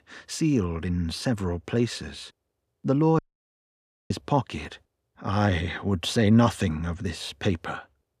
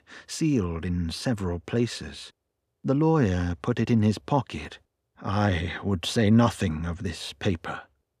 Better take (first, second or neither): second